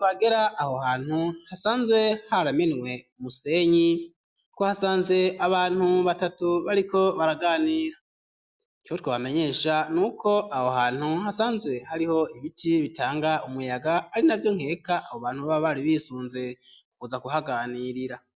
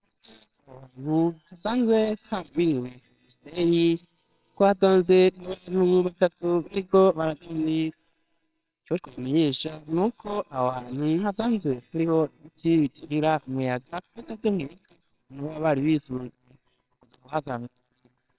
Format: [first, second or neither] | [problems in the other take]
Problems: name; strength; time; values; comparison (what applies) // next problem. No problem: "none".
first | noise reduction (neural separator model SepFormer WHAMR!)